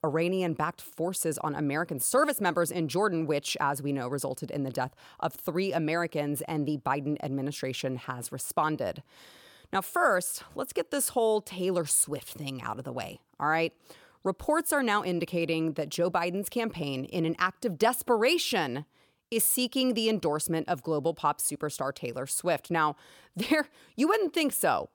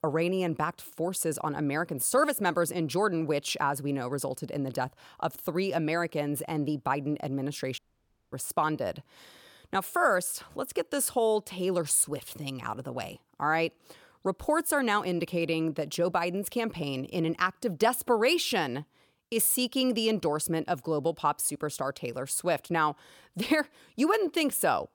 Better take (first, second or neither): first